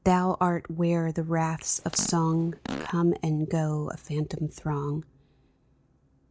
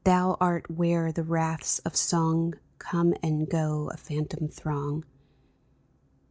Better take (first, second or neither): second